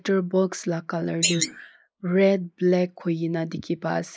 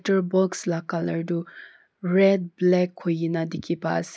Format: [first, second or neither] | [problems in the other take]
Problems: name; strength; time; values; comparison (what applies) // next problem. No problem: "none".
second | noise reduction (neural mask model Resemble Enhance denoiser)